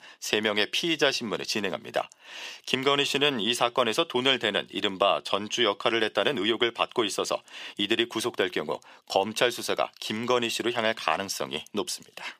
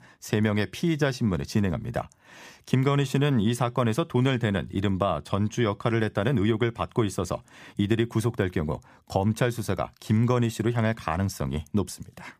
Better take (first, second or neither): second